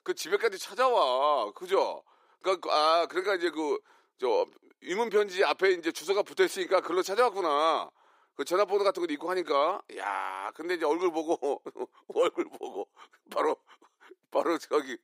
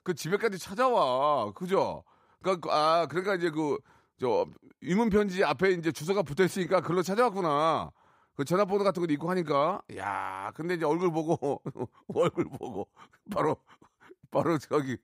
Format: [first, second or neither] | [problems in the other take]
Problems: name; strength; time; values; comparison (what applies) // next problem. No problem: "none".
second | thin; somewhat; fading below 350 Hz